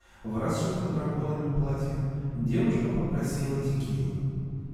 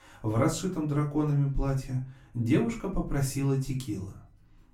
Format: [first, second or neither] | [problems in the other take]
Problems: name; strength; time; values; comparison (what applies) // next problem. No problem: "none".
second | room echo; strong; dies away in 3 s; slight in the second // off-mic speech; far; far in the second